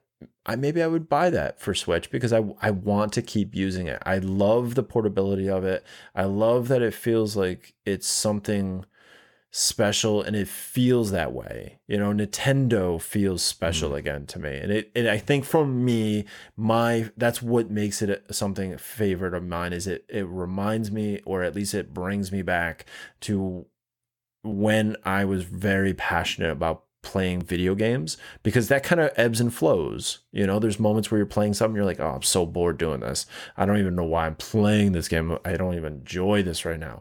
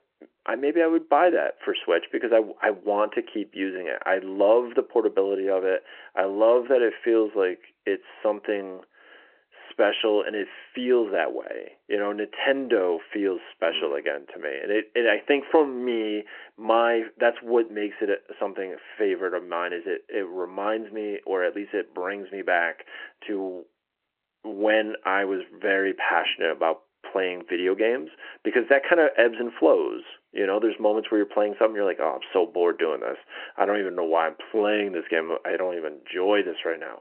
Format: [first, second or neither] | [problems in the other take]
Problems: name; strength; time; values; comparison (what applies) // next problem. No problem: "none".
first | phone-call audio; nothing above 3 kHz